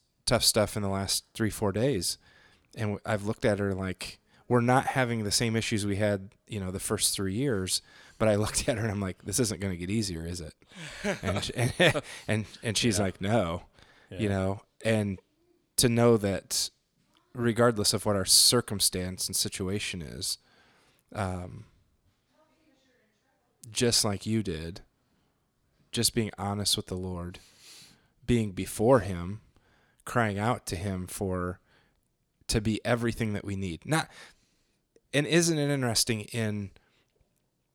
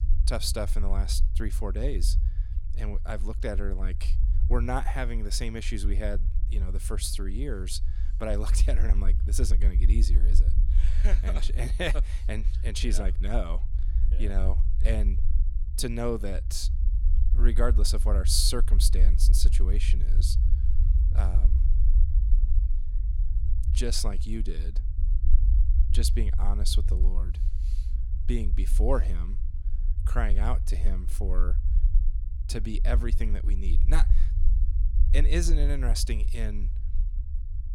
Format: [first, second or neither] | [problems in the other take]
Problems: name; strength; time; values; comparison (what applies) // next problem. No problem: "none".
first | low rumble; noticeable; throughout; 15 dB below the speech